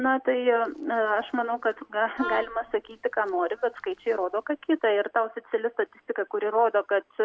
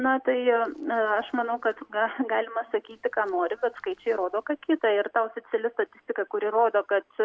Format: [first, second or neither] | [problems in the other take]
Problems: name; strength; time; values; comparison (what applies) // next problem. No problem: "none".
second | background sound (Wind instrument, woodwind instrument); 10 dB below the speech